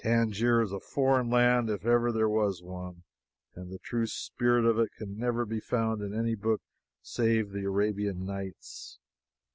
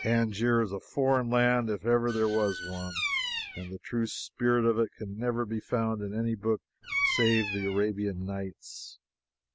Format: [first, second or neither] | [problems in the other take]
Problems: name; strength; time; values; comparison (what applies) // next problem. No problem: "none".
first | background sound (Bird vocalization, bird call, bird song); 9 dB below the speech